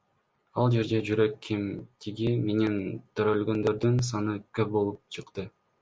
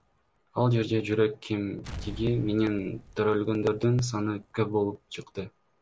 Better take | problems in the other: first | background sound (Explosion); 19 dB below the speech

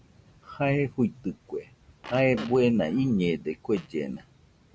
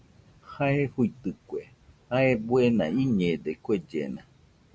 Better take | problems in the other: second | background sound (Fart); 18 dB below the speech

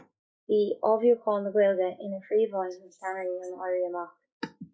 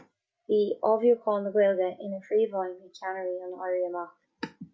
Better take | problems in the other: second | noise reduction (neural mask model Resemble Enhance denoiser)

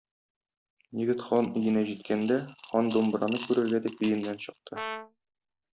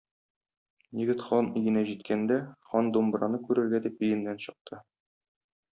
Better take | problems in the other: second | background sound (Coin (dropping) / Glass + Brass instrument); 15 dB below the speech

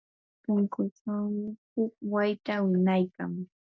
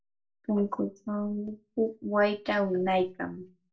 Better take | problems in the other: first | room echo; dies away in 0.2 s

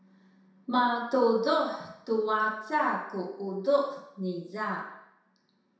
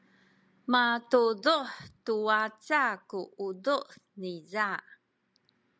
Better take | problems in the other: second | room echo; dies away in 0.7 s

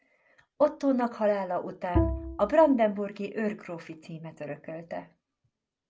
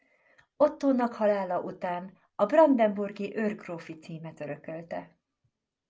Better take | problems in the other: second | background sound (Bowed string instrument); 4 dB below the speech

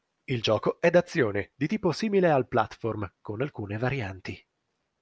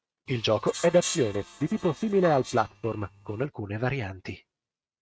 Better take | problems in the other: first | noise reduction (neural mask model RNNoise)

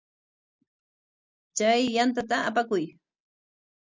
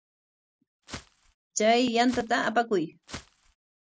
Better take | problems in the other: first | background sound (Walk, footsteps); 16 dB below the speech

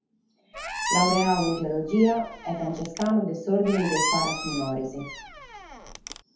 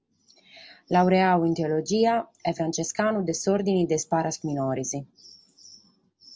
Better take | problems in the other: second | background sound (Squeak); 5 dB below the speech // room echo; dies away in 0.6 s

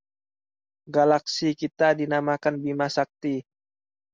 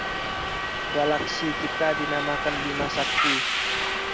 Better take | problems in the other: first | background sound (Subway, metro, underground); 3 dB above the speech

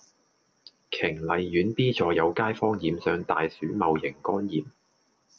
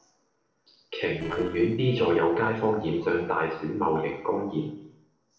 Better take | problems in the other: first | noise reduction (neural separator model SepFormer DNS4)

